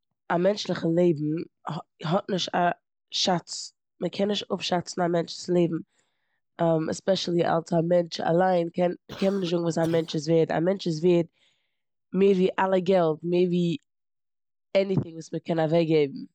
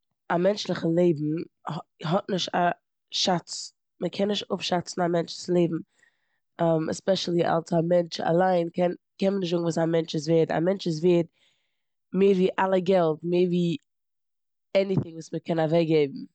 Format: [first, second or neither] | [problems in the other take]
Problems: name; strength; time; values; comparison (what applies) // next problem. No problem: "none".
second | noise reduction (neural mask model Resemble Enhance denoiser)